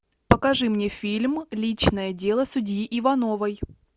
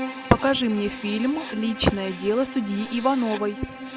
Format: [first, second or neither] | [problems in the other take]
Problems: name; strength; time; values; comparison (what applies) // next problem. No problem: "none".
first | background sound (Bowed string instrument + Writing); 11 dB below the speech